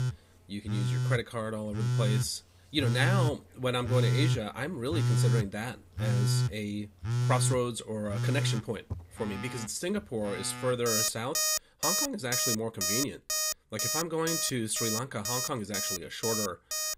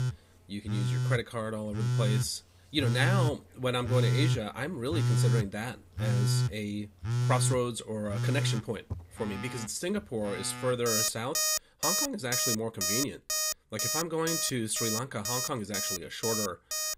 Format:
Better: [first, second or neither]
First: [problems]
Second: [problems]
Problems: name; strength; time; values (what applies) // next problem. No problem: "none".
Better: neither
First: alarms or sirens; very loud; throughout; 3 dB above the speech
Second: alarms or sirens; very loud; throughout; 3 dB above the speech